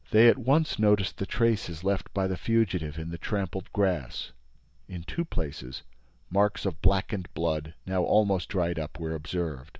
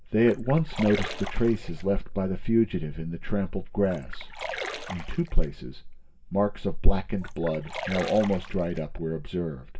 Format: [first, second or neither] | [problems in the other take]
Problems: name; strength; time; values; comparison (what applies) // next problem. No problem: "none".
first | background sound (Splash, splatter); 13 dB below the speech // room echo; dies away in 0.2 s